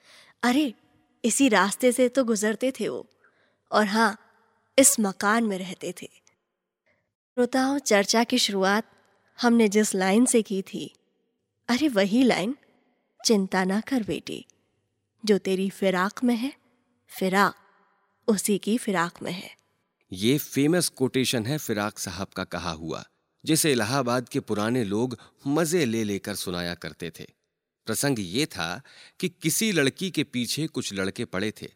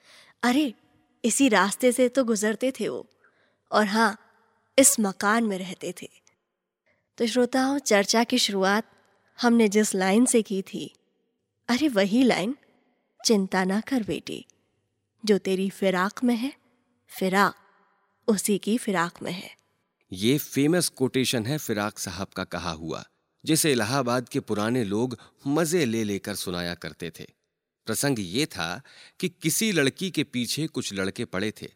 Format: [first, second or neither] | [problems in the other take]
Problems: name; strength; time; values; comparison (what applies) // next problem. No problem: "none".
second | audio cutting out; at 7 s